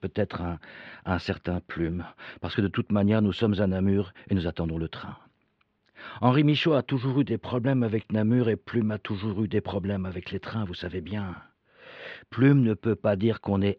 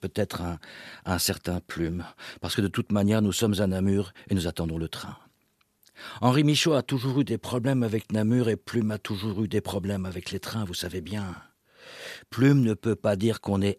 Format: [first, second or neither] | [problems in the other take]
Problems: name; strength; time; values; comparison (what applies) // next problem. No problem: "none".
second | muffled; slightly; fading above 3 kHz